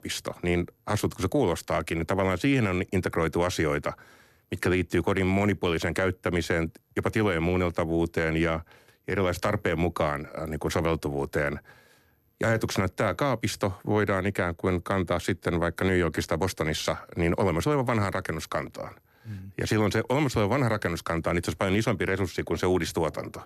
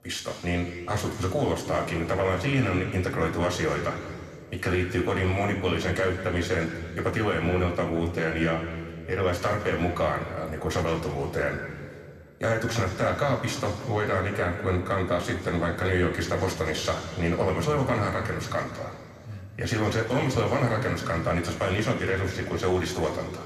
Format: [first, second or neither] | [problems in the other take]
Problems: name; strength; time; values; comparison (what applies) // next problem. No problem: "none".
first | room echo; noticeable; dies away in 2.2 s // off-mic speech; somewhat distant